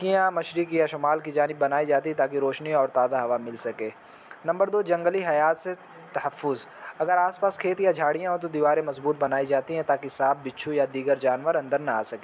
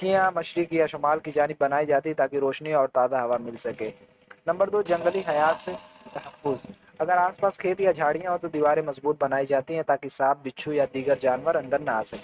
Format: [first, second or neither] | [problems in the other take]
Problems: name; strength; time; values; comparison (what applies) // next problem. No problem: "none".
first | noise reduction (neural mask model RNNoise)